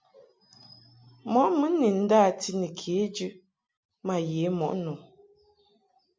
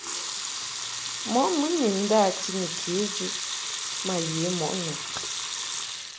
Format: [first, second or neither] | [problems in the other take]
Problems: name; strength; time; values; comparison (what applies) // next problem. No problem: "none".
first | background sound (Sink (filling or washing) / Water tap, faucet / Liquid); 3 dB below the speech